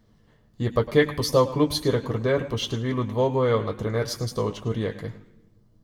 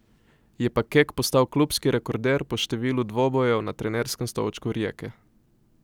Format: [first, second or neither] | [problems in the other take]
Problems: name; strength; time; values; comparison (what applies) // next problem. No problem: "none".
second | room echo; dies away in 0.6 s